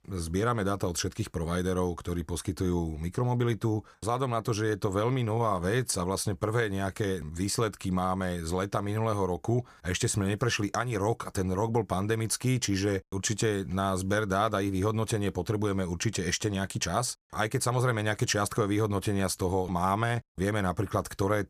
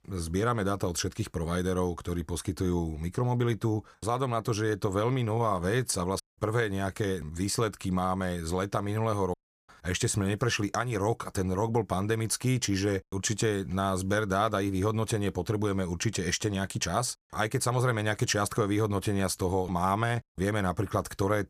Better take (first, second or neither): first